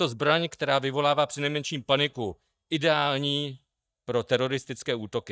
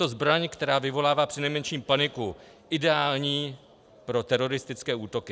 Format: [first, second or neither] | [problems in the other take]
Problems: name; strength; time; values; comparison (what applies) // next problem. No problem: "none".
second | noise reduction (neural mask model DeepFilterNet 3)